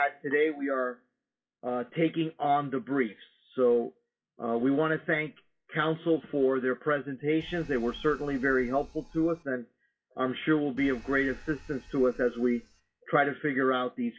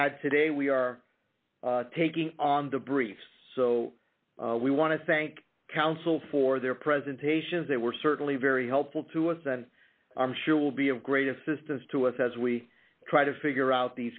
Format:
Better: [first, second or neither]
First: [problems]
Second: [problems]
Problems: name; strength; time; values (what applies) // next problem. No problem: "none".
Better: second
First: noise reduction (classical method WPE with log-MMSE)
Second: none